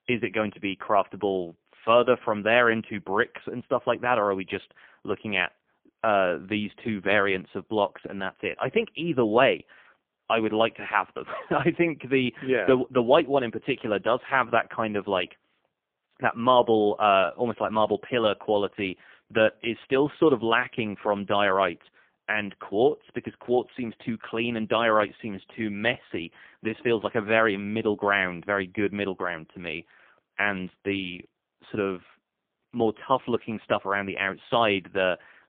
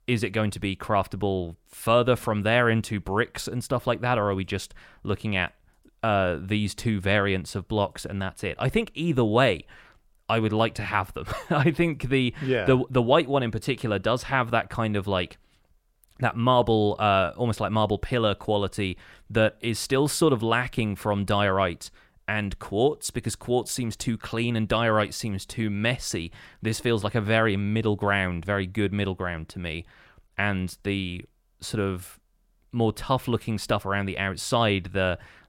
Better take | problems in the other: second | phone-call audio; poor line; nothing above 3.5 kHz

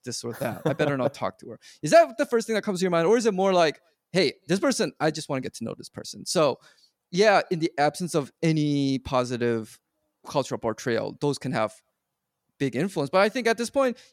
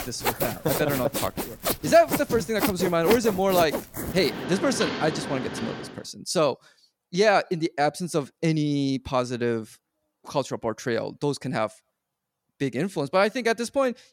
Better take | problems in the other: first | machinery noise; loud; until 6 s; 5 dB below the speech

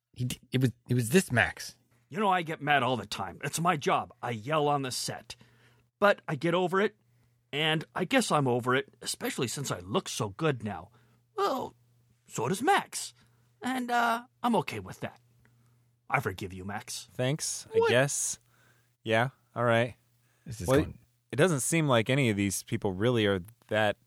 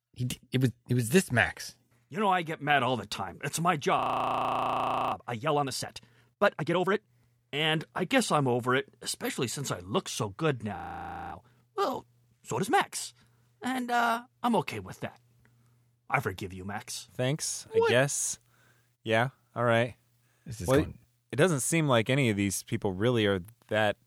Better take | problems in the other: first | audio freezing; at 4 s for 1 s and at 11 s for 0.5 s

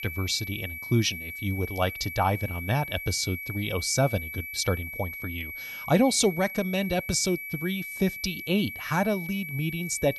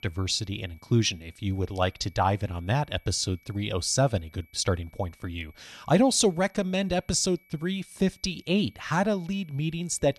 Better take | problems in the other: second | high-pitched whine; loud; throughout; 2.5 kHz, 8 dB below the speech; faint in the second

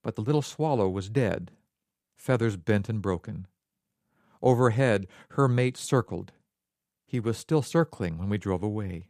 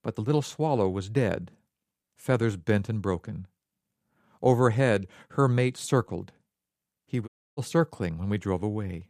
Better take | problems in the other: first | audio cutting out; at 7.5 s

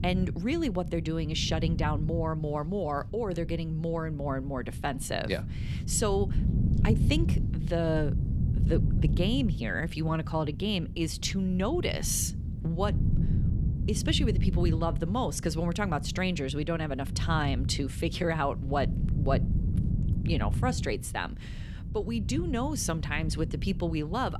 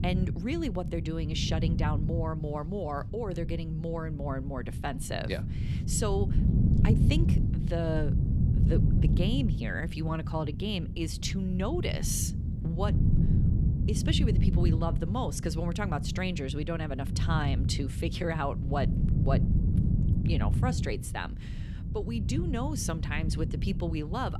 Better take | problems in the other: first | wind noise on the microphone; heavy; 6 dB below the speech; occasional gusts in the first

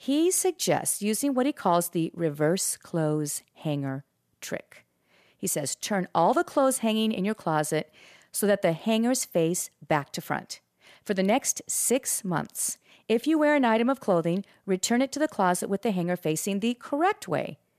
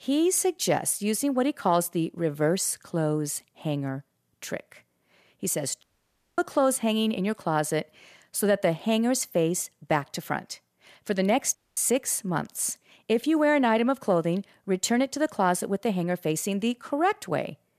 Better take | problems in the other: first | audio cutting out; at 6 s for 0.5 s and at 12 s

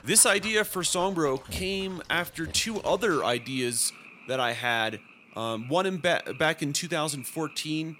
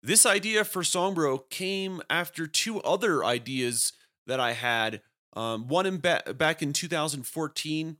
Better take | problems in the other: second | animal sounds; faint; throughout; 20 dB below the speech

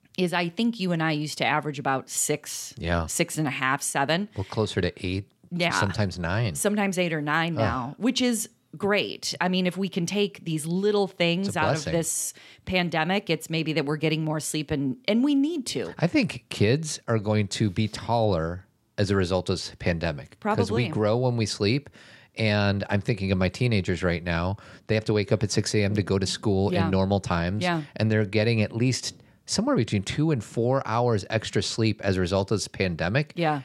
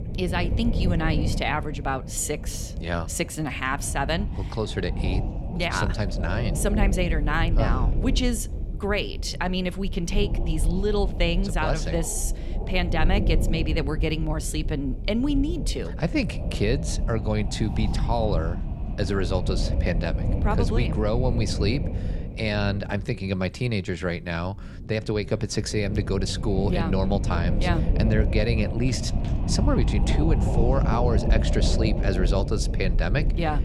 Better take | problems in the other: first | wind noise on the microphone; heavy; 9 dB below the speech

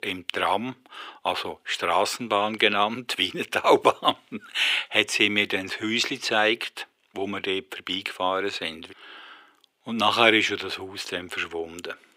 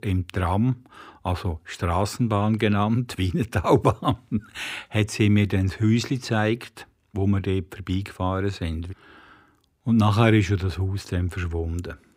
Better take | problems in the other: second | thin; very; fading below 500 Hz

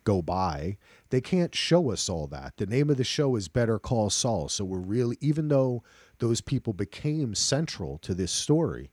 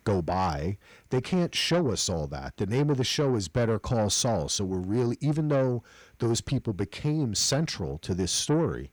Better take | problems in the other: first | distortion; slight; 10 dB below the speech

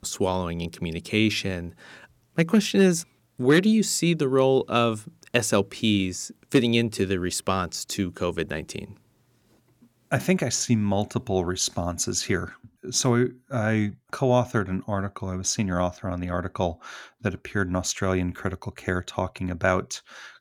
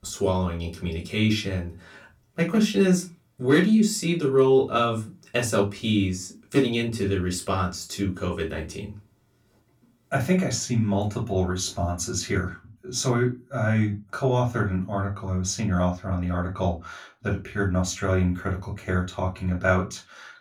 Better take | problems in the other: first | off-mic speech; far // room echo; very slight; dies away in 0.2 s

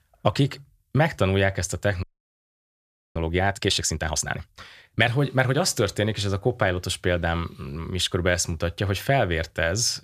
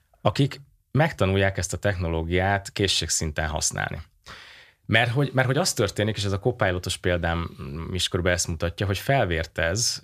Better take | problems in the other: second | audio freezing; at 2 s for 1 s

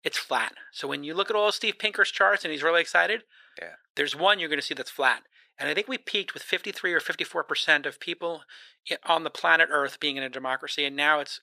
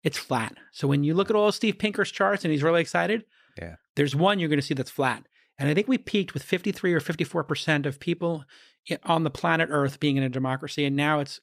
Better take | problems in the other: second | thin; very; fading below 600 Hz

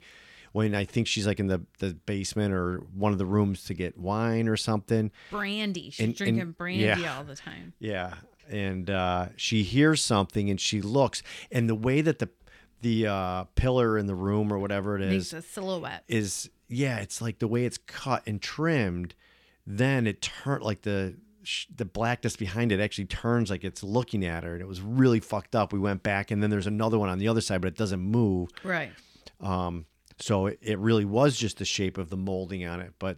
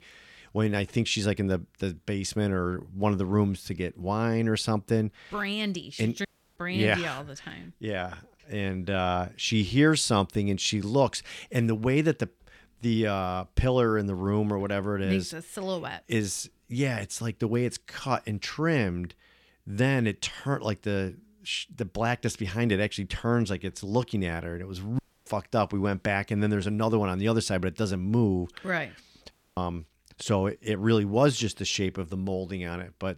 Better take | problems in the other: first | audio cutting out; at 6.5 s, at 25 s and at 29 s

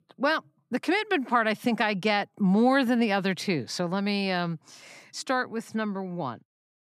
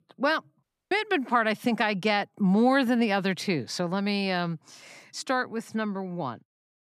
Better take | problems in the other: first | audio cutting out; at 0.5 s

